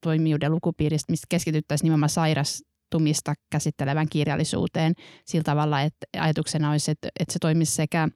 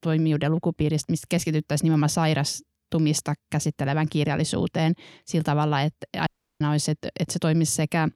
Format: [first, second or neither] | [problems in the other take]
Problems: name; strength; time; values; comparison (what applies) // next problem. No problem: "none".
first | audio cutting out; at 6.5 s